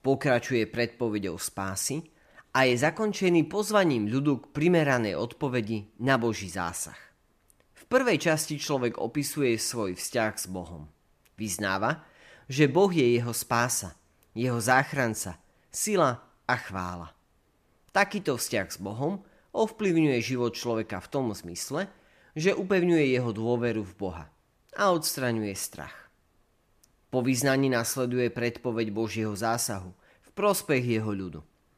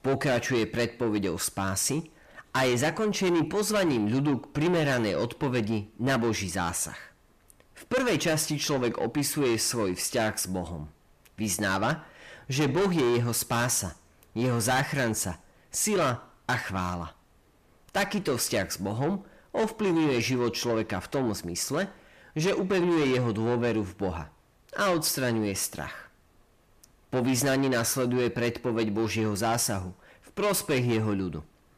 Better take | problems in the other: first | distortion; heavy; 7 dB below the speech

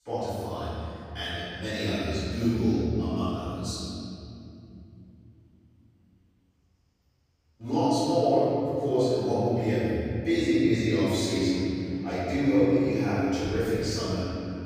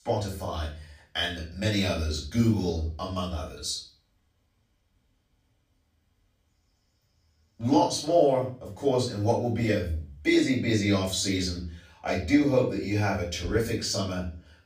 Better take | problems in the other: second | room echo; strong; dies away in 3 s; slight in the second // off-mic speech; far; far in the second

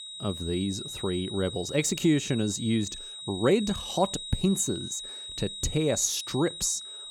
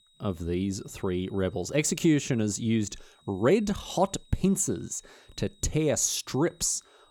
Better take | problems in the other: second | high-pitched whine; loud; throughout; 4 kHz, 9 dB below the speech; faint in the second

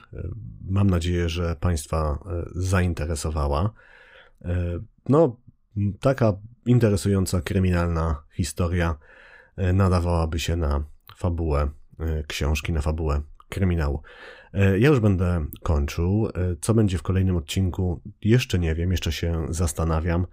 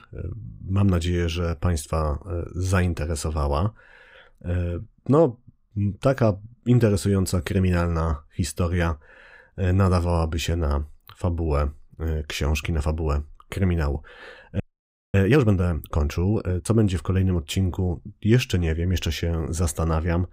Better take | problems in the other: first | audio freezing; at 15 s for 0.5 s

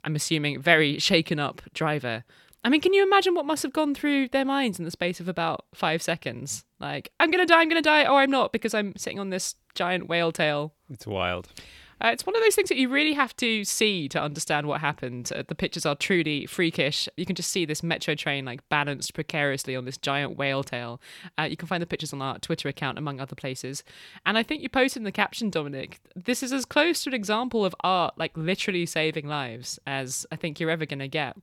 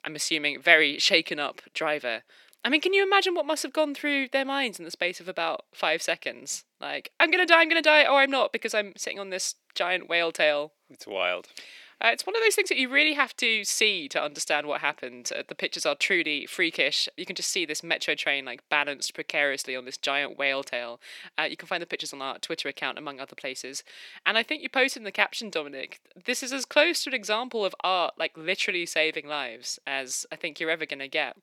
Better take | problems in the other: first | thin; somewhat; fading below 300 Hz

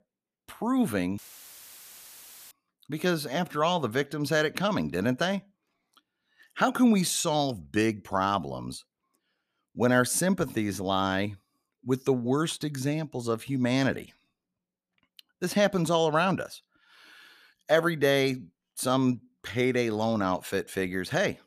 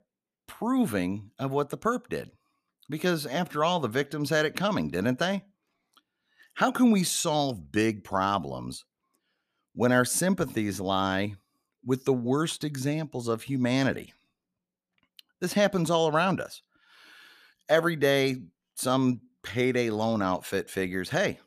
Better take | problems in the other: second | audio cutting out; filled with static; at 1 s for 1.5 s

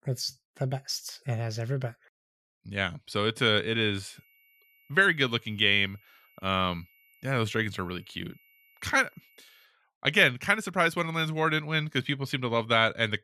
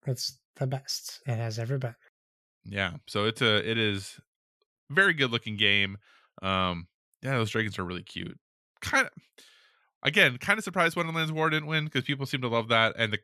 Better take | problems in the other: second | high-pitched whine; faint; from 4 to 9.5 s; 2 kHz, 35 dB below the speech

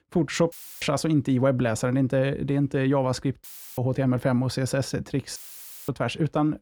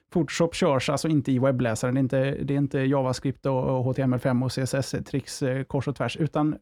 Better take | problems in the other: second | audio cutting out; filled with static; at 0.5 s, at 3.5 s and at 5.5 s for 0.5 s

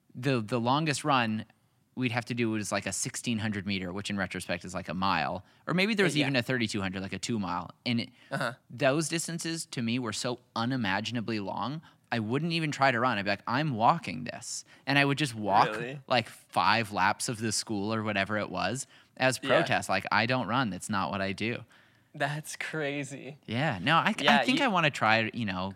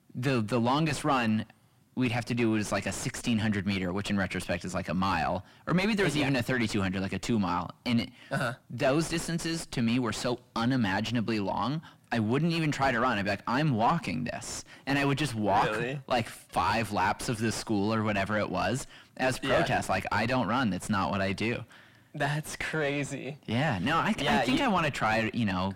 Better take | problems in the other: first | distortion; heavy; 5 dB below the speech

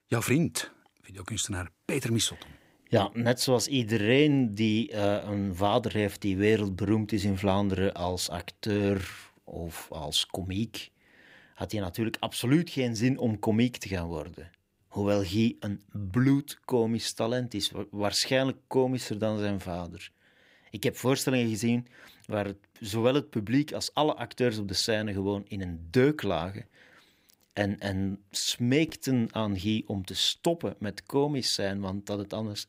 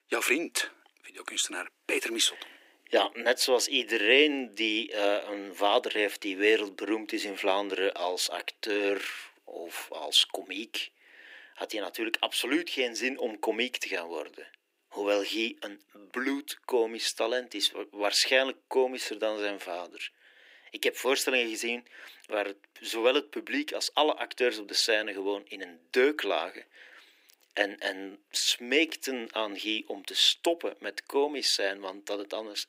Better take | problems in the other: first | thin; somewhat; fading below 300 Hz

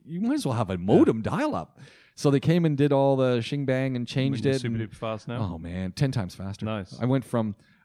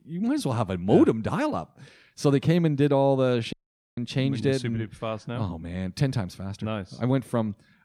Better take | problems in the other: first | audio cutting out; at 3.5 s

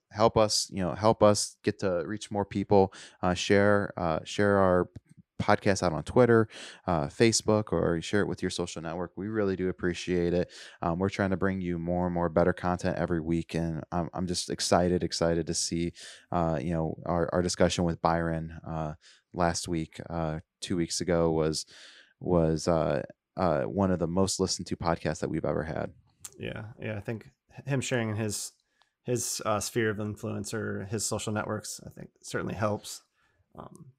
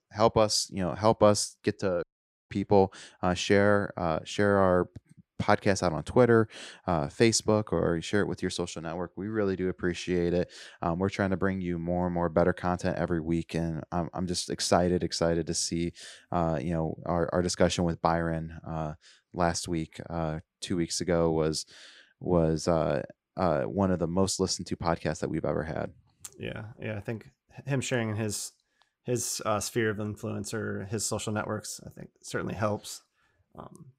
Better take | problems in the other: first | audio cutting out; at 2 s

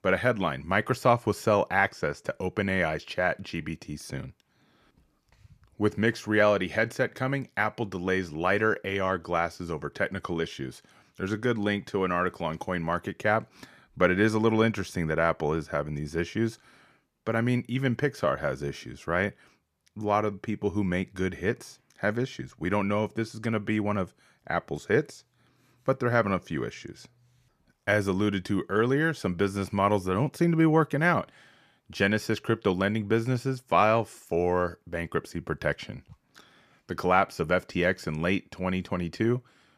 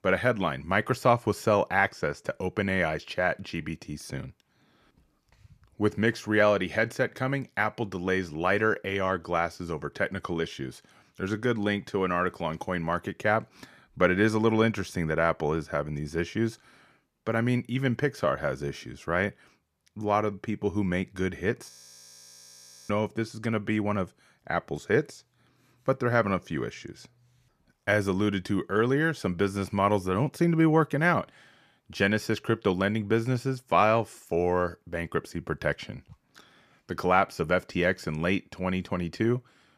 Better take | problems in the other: first | audio freezing; at 22 s for 1 s

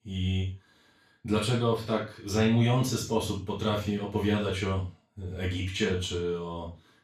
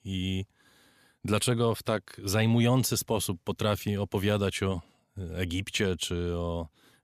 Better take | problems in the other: second | room echo; noticeable; dies away in 0.3 s // off-mic speech; far

